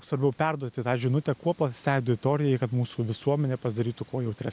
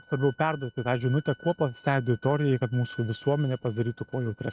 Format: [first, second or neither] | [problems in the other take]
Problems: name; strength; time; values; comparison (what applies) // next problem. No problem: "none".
first | noise reduction (neural mask model RNNoise)